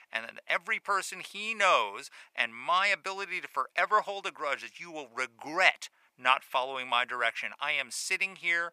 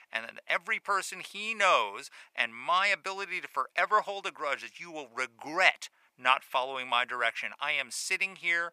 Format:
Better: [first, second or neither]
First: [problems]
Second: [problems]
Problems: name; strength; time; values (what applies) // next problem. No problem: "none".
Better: neither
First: thin; very; fading below 750 Hz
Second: thin; very; fading below 750 Hz